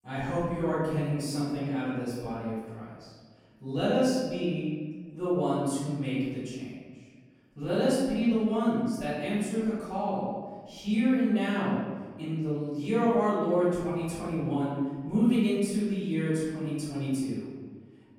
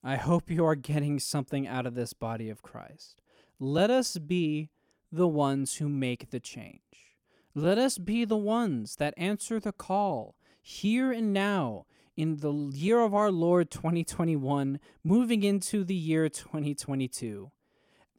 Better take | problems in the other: second | room echo; strong; dies away in 1.4 s // off-mic speech; far

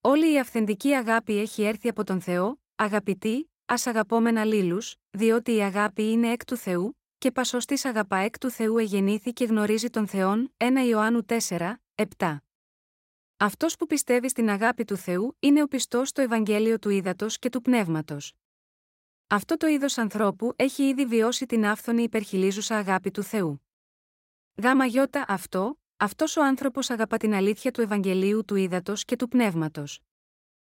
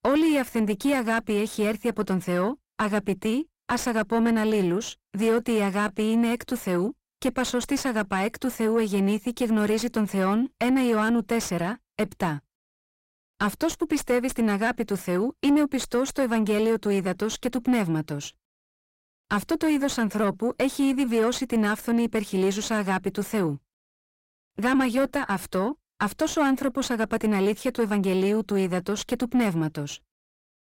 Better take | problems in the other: first | distortion; slight; 10 dB below the speech

